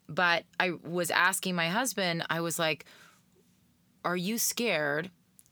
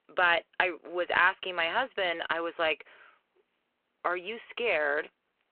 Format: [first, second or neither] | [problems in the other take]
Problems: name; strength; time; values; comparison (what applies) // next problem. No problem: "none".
first | phone-call audio